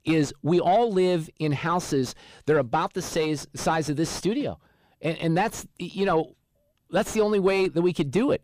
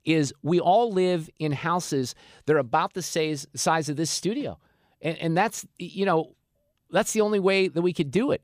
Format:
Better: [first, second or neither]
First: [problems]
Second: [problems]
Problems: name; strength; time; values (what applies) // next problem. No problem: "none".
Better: second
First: distortion; slight; 10 dB below the speech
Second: none